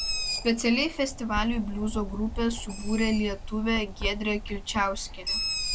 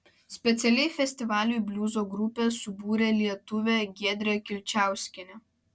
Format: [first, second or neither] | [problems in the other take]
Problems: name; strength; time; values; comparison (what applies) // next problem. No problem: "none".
second | background sound (Bird); 5 dB below the speech